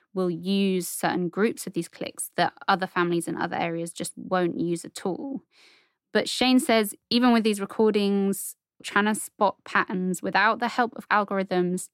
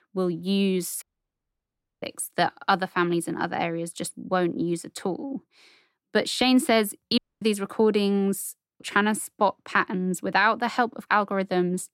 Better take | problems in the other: first | audio cutting out; at 1 s for 1 s and at 7 s

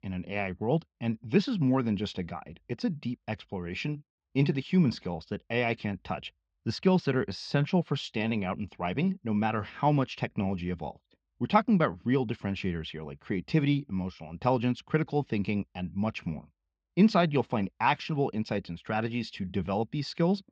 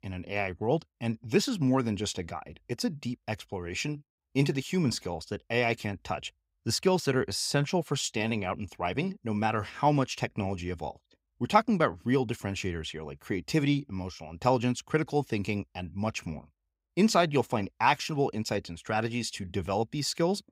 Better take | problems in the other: second | muffled; very slightly; fading above 4.5 kHz

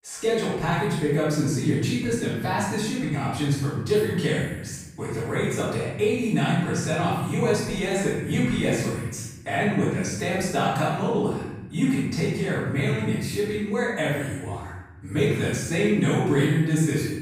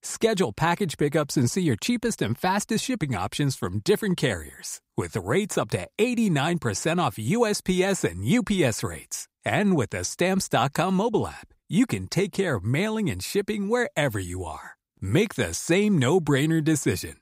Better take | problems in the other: second | room echo; strong; dies away in 1 s // off-mic speech; far

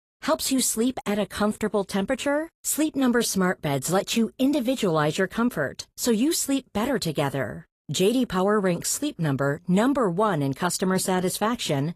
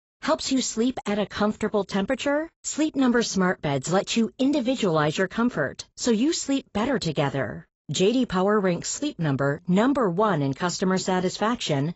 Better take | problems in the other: first | garbled, watery; badly; nothing above 7.5 kHz; slightly in the first

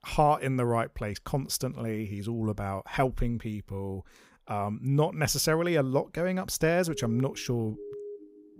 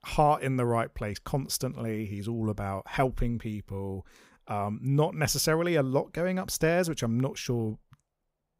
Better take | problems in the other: second | siren; faint; from 7 s on; peak 10 dB below the speech

